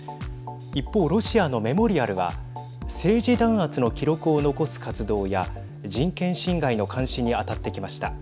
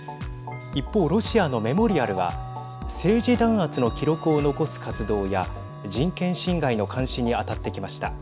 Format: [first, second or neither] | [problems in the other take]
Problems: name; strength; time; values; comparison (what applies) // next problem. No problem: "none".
first | background sound (Chime / Clock); 17 dB below the speech